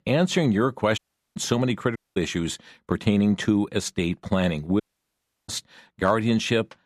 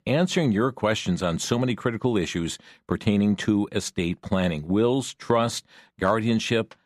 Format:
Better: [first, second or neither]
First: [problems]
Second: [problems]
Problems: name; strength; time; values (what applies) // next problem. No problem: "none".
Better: second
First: audio cutting out; at 1 s, at 2 s and at 5 s for 0.5 s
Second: none